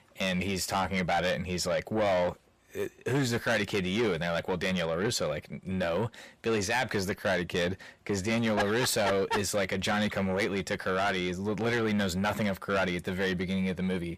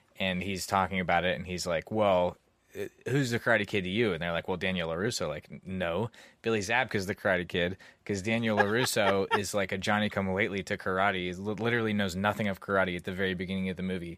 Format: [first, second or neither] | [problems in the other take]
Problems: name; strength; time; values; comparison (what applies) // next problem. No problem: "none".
second | distortion; heavy; 7 dB below the speech